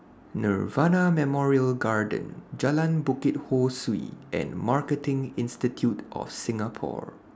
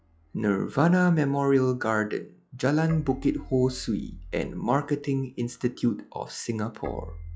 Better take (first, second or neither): first